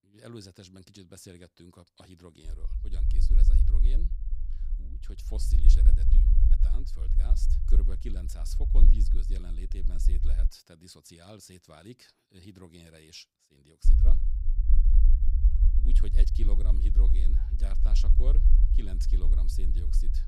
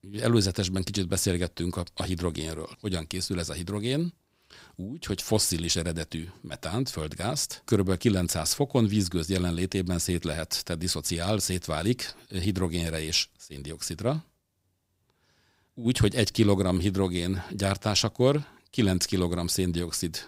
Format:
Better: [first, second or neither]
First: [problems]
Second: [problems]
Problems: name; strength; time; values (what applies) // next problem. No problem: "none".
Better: second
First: low rumble; loud; from 2.5 to 10 s and from 14 s on; 1 dB below the speech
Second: none